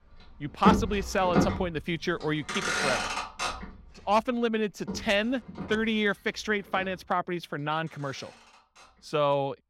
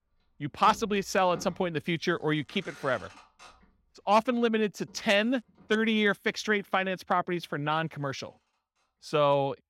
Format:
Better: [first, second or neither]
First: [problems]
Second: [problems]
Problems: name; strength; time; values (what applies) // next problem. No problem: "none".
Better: second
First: traffic noise; loud; throughout; 1 dB below the speech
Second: traffic noise; faint; throughout; 20 dB below the speech